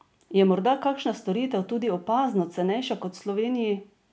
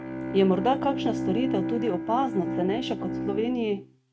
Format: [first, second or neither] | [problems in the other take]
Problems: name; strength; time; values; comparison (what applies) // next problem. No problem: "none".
first | noise reduction (neural mask model RNNoise)